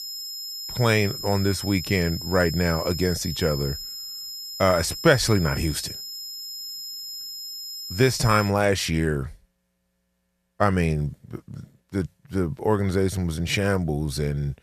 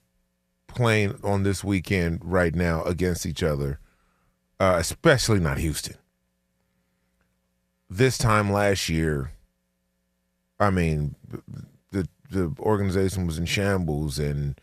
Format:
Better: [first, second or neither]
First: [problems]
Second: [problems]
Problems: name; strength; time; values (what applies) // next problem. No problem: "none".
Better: second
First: high-pitched whine; loud; until 8.5 s; 5 kHz, 8 dB below the speech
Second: none